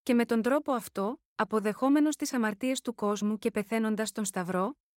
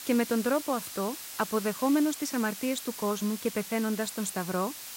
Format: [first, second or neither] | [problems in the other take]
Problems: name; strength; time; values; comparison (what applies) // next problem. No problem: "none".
first | hiss; loud; throughout; 9 dB below the speech